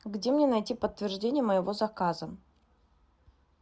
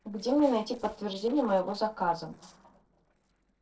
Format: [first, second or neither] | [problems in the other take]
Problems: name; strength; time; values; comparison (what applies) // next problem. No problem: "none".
first | noise reduction (neural separator model SepFormer DNS4)